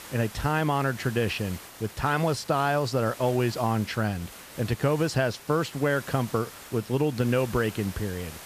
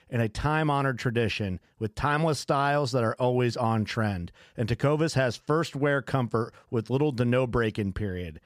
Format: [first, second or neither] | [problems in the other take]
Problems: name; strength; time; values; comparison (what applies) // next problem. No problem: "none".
second | hiss; noticeable; throughout; 15 dB below the speech